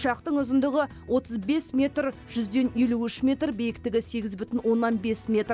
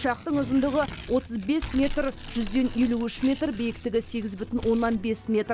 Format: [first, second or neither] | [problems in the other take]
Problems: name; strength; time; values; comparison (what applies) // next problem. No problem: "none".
first | background sound (Tearing); 12 dB below the speech